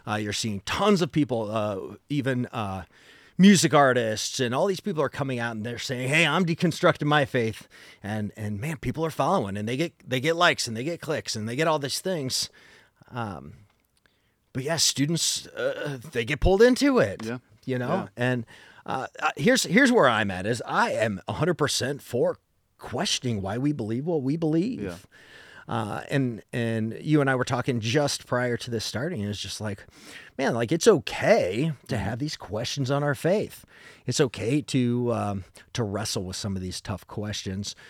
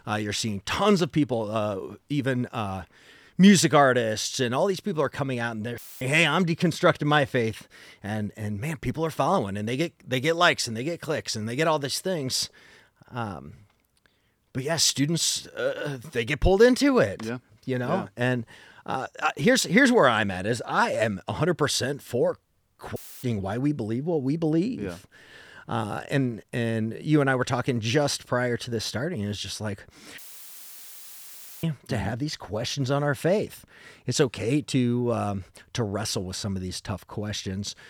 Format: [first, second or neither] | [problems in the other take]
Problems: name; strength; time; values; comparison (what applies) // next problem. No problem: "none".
first | audio cutting out; filled with static; at 6 s, at 23 s and at 30 s for 1.5 s